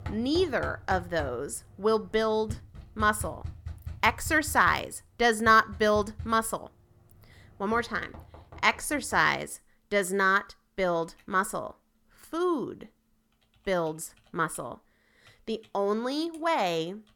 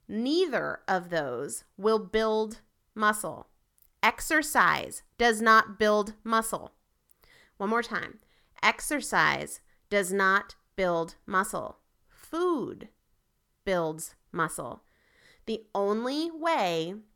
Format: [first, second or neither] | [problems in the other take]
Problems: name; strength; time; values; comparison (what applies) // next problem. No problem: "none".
second | household noises; noticeable; throughout; 15 dB below the speech